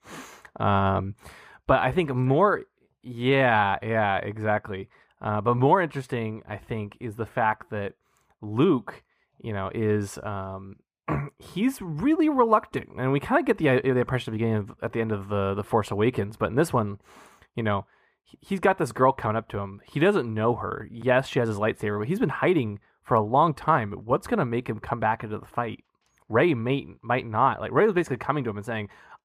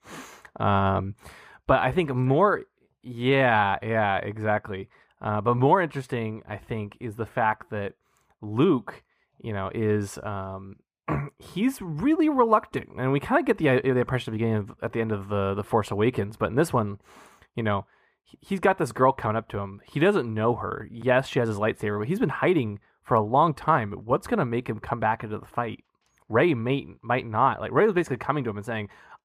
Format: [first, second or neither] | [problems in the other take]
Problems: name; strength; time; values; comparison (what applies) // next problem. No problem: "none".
neither | muffled; slightly; fading above 3.5 kHz; the same in both